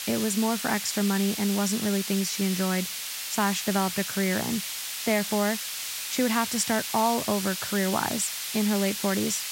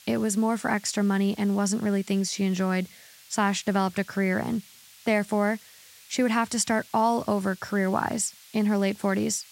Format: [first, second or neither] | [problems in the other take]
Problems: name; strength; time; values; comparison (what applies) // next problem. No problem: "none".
second | hiss; loud; throughout; 4 dB below the speech; faint in the second